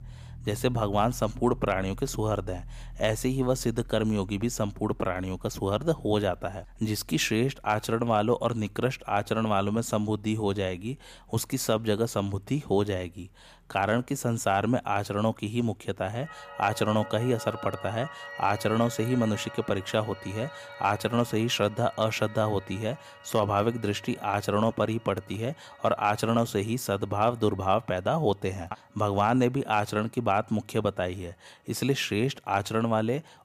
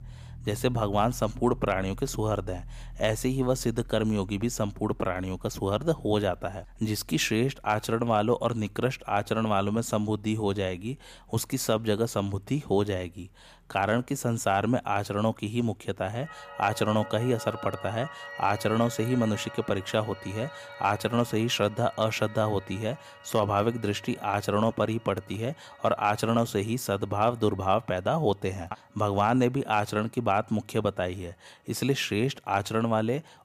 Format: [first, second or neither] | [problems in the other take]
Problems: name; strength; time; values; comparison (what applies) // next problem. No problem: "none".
neither | background music; noticeable; throughout; 15 dB below the speech; the same in both